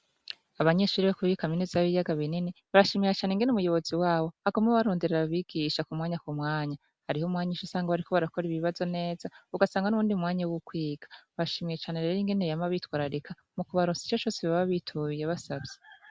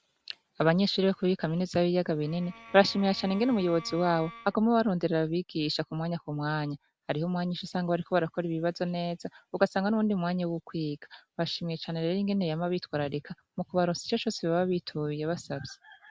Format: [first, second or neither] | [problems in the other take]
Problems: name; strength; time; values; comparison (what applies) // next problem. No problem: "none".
first | background sound (Bowed string instrument); 19 dB below the speech